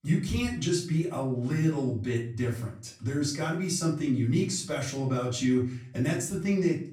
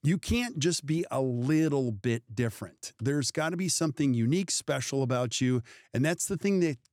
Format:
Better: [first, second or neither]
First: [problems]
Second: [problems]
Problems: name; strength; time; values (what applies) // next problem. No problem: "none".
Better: second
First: room echo; slight; dies away in 0.4 s // off-mic speech; far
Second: none